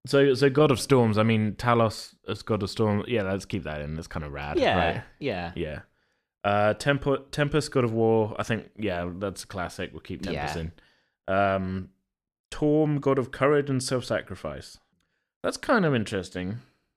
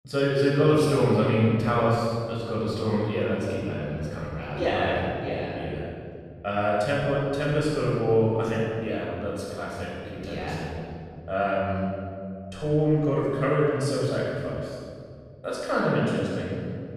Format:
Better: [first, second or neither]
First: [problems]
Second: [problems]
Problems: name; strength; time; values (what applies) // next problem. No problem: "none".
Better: first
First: none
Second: room echo; strong; dies away in 2.2 s // off-mic speech; far